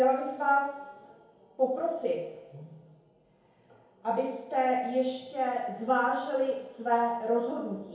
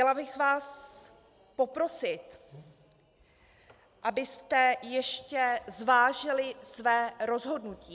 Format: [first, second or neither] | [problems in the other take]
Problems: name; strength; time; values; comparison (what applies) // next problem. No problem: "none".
second | room echo; dies away in 0.9 s